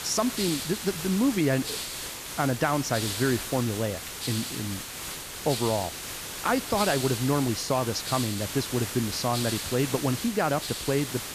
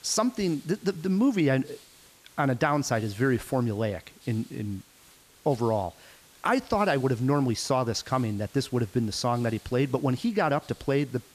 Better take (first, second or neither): second